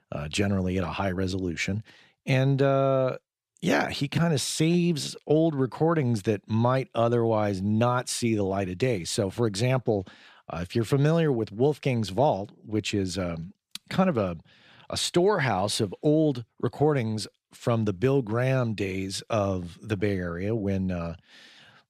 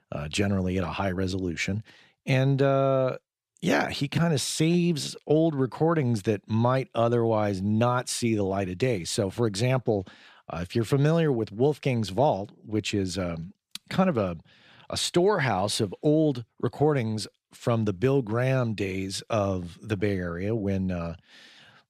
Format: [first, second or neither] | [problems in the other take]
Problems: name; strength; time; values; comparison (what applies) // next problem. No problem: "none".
neither | none